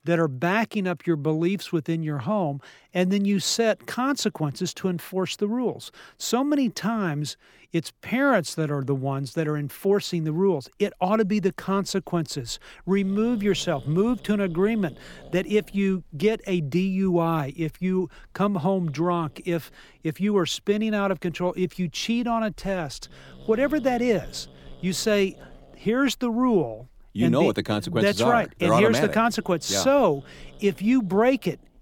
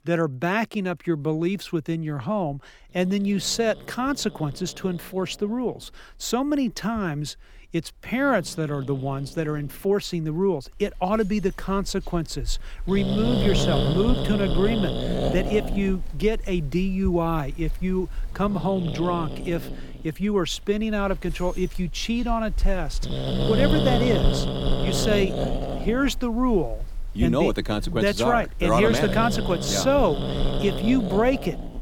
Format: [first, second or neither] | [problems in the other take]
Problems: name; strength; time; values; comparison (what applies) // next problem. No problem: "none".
first | animal sounds; loud; throughout; 4 dB below the speech; faint in the first